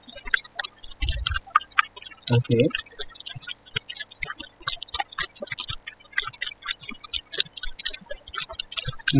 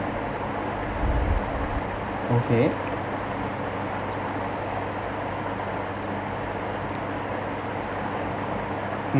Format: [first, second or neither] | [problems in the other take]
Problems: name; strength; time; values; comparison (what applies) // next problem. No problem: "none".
second | noise reduction (classical method spectral subtraction)